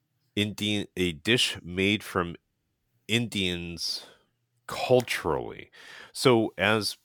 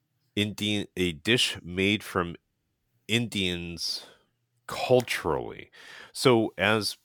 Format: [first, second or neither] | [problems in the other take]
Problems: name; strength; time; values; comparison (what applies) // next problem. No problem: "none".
neither | none